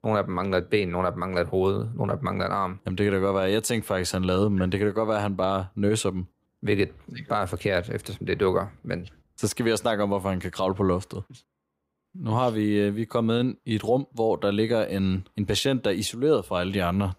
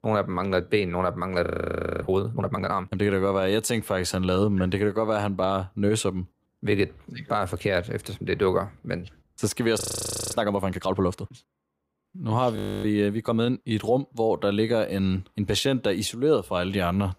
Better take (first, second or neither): first